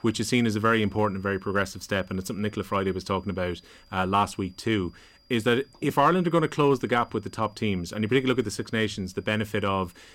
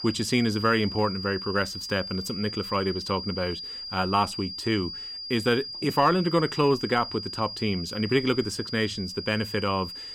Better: first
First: high-pitched whine; faint; throughout; 5 kHz, 35 dB below the speech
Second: high-pitched whine; loud; throughout; 5 kHz, 8 dB below the speech

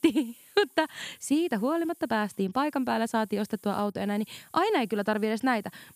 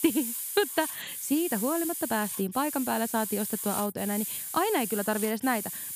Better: first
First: hiss; faint; throughout; 25 dB below the speech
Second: hiss; loud; throughout; 4 dB below the speech

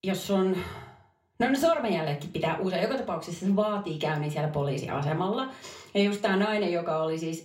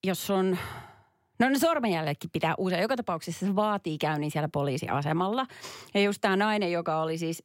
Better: second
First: room echo; very slight; dies away in 0.3 s // off-mic speech; somewhat distant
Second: none

